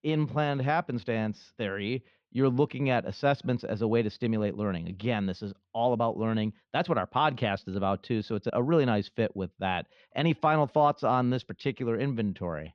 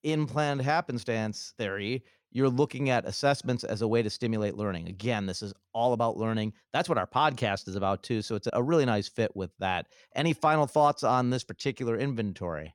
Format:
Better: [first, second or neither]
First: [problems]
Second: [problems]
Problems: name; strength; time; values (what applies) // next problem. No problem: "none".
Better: second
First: muffled; slightly; fading above 3.5 kHz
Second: none